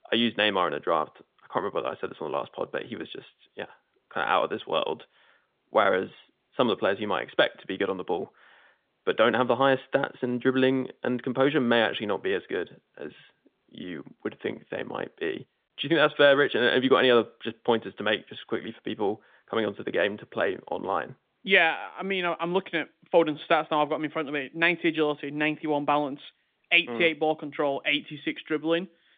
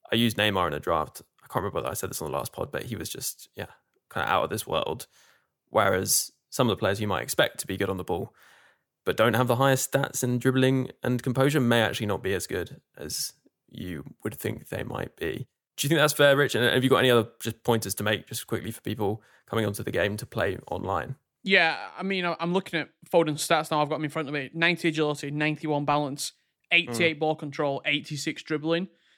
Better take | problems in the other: second | phone-call audio; nothing above 3.5 kHz

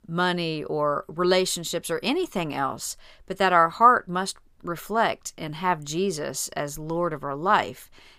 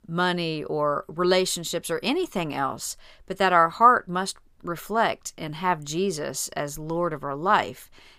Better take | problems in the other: neither | none

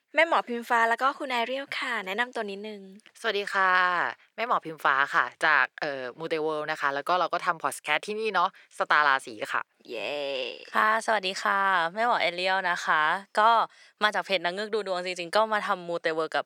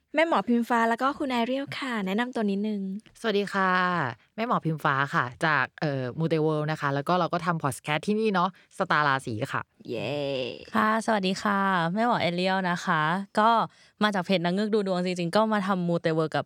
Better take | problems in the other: second | thin; very; fading below 500 Hz

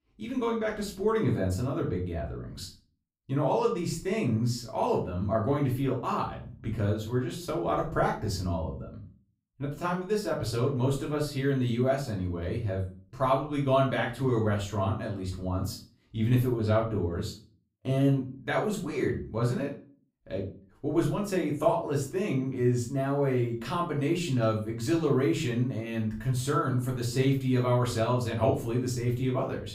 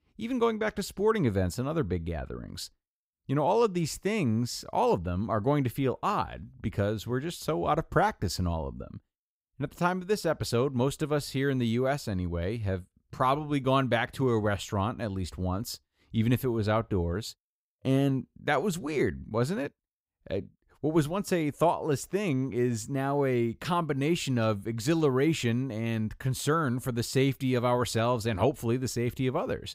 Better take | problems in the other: second | off-mic speech; far // room echo; slight; dies away in 0.3 s

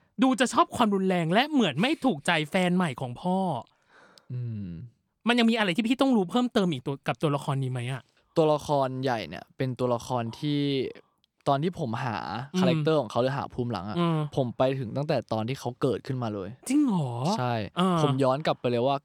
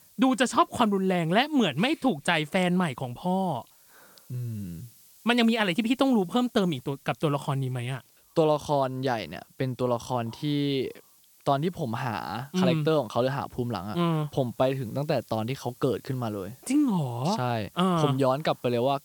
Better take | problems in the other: first | hiss; faint; throughout; 25 dB below the speech

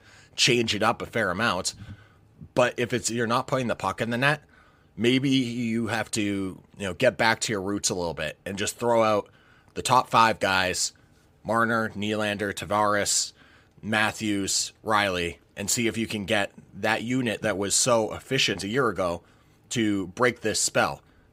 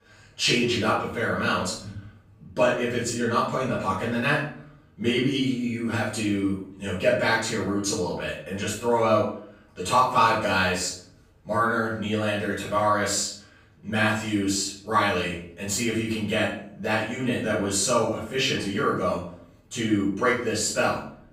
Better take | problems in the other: first | room echo; noticeable; dies away in 0.5 s // off-mic speech; far

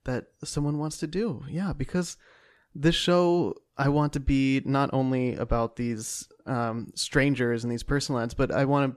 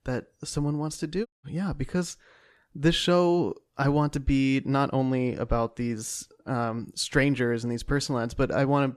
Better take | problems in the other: first | audio cutting out; at 1.5 s

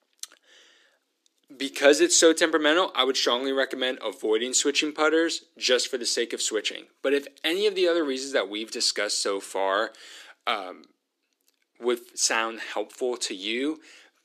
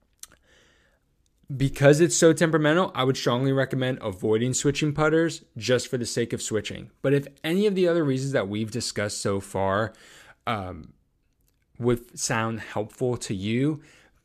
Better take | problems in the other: second | thin; somewhat; fading below 300 Hz

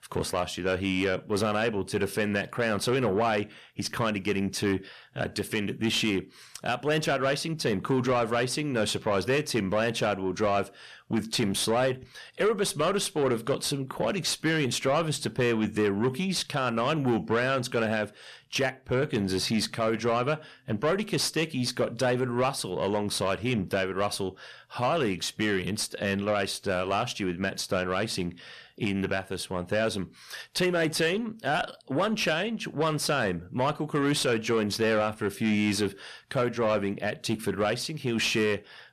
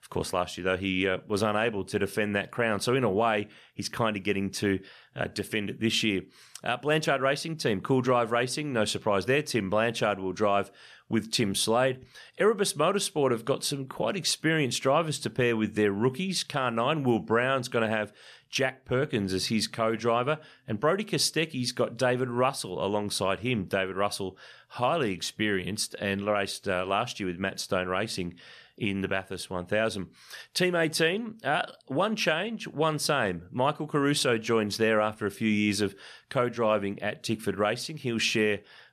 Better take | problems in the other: second | distortion; slight; 10 dB below the speech

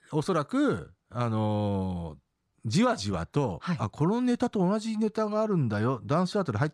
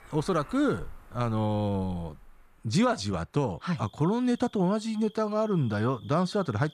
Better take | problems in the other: first | animal sounds; faint; throughout; 25 dB below the speech

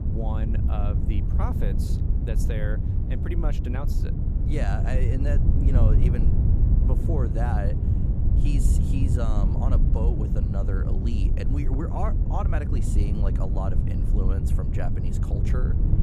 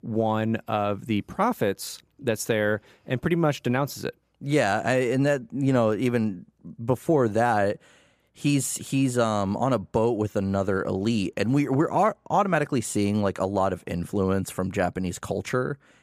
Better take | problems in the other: second | low rumble; loud; throughout; 2 dB below the speech

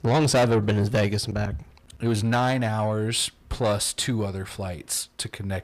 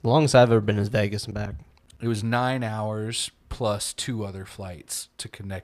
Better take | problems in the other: second | distortion; heavy; 7 dB below the speech

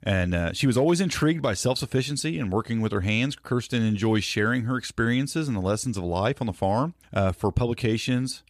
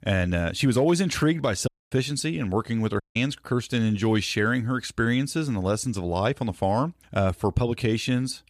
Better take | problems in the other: first | audio cutting out; at 1.5 s and at 3 s

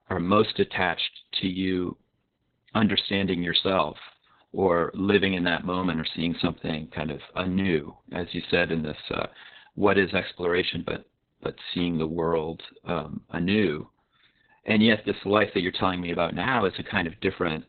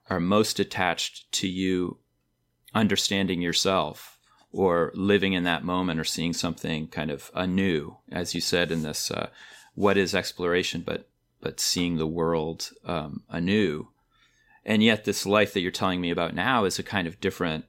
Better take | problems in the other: second | garbled, watery; badly; nothing above 4 kHz

